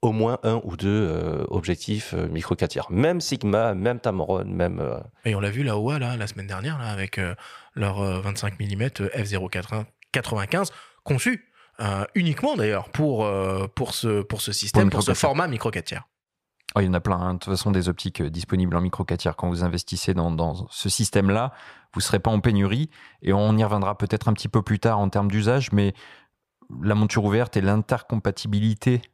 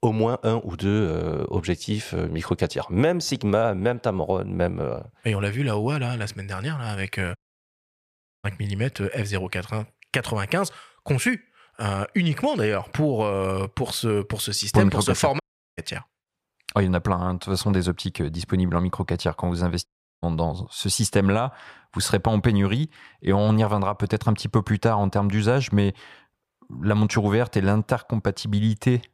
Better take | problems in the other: first | audio cutting out; at 7.5 s for 1 s, at 15 s and at 20 s

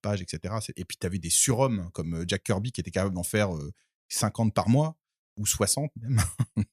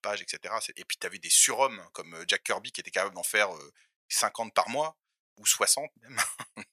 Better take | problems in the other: first | thin; very; fading below 750 Hz

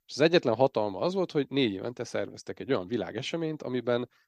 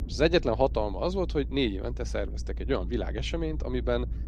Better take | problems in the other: first | low rumble; faint; throughout; 25 dB below the speech

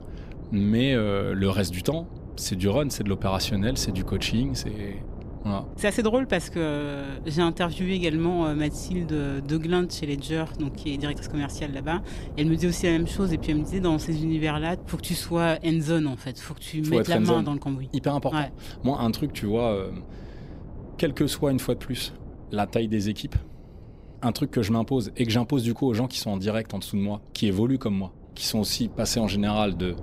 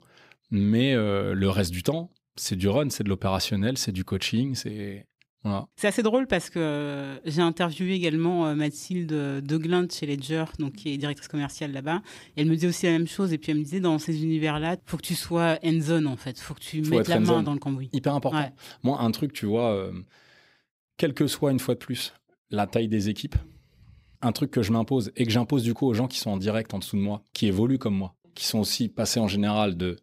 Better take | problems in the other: second | wind noise on the microphone; occasional gusts; 20 dB below the speech

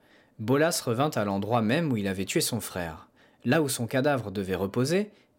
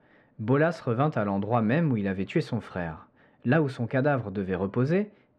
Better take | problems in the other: first | muffled; very; fading above 2 kHz

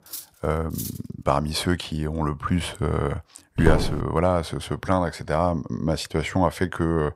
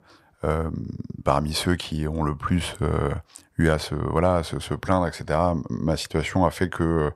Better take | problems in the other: second | clattering dishes; noticeable; at the start; peak 9 dB below the speech // footsteps; loud; at 3.5 s; peak level with the speech

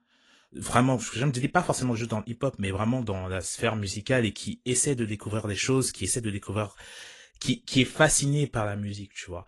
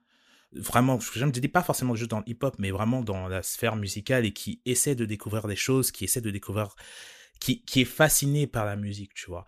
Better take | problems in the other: second | garbled, watery; slightly; nothing above 10.5 kHz

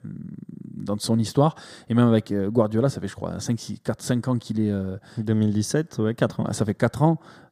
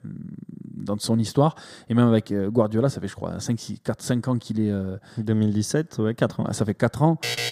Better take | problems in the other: first | alarm; noticeable; at 7 s; peak 2 dB below the speech

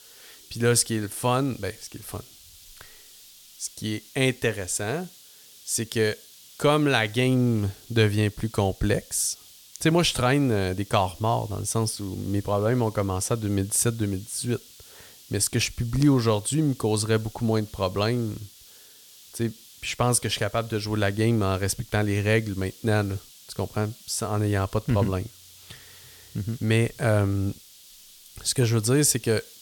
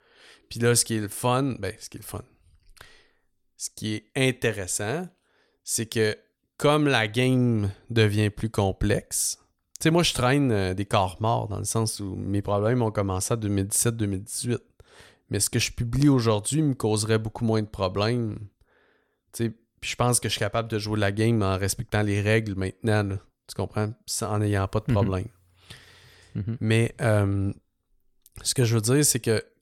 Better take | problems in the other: second | hiss; faint; throughout; 20 dB below the speech

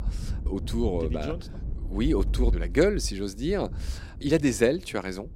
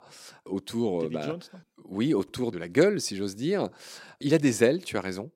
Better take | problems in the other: second | wind noise on the microphone; occasional gusts; 20 dB below the speech

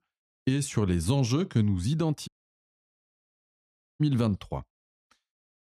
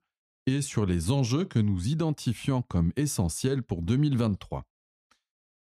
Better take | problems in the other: second | audio cutting out; at 2.5 s for 1.5 s

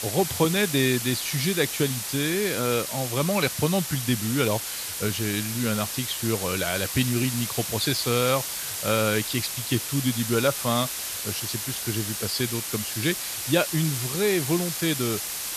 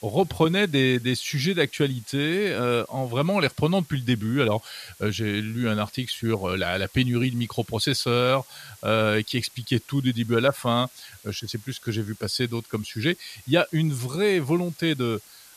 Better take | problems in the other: second | hiss; loud; throughout; 3 dB below the speech; faint in the second

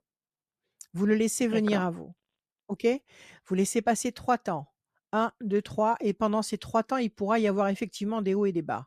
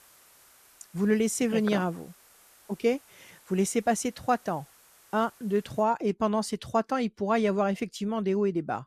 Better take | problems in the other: first | hiss; faint; until 6 s; 25 dB below the speech

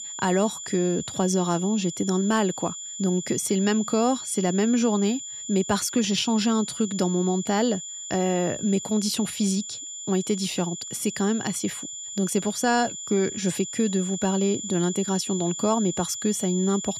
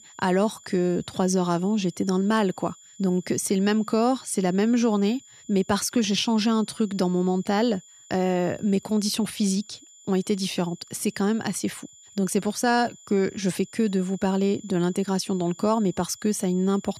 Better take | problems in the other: second | high-pitched whine; loud; throughout; 7 kHz, 8 dB below the speech; faint in the second

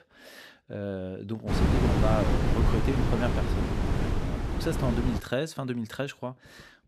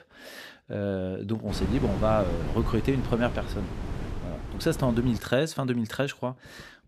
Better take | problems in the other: second | wind noise on the microphone; heavy; from 1.5 to 5 s; 1 dB above the speech; occasional gusts in the second

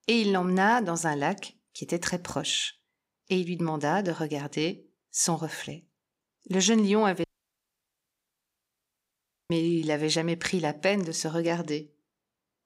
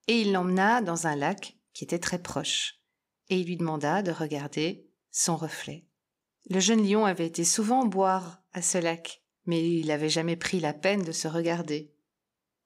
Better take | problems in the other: second | audio cutting out; at 7 s for 2.5 s

